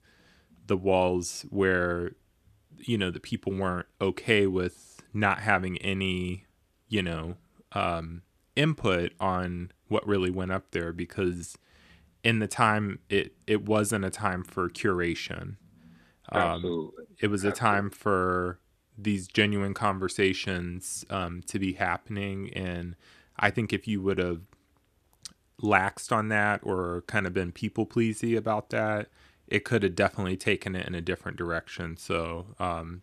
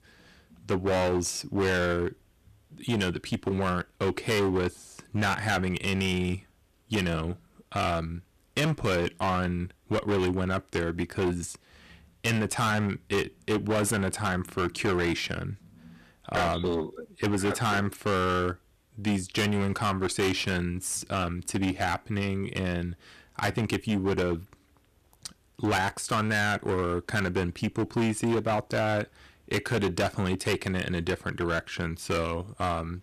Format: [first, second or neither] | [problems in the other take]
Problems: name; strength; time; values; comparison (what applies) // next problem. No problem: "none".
first | distortion; heavy; 16% of the sound clipped